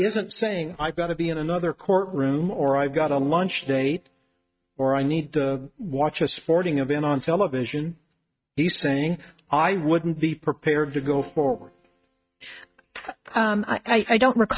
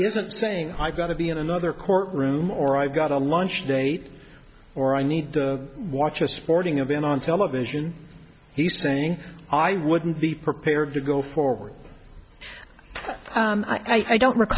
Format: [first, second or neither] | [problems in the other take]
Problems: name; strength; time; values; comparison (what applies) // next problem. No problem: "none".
second | noise reduction (neural mask model RNNoise)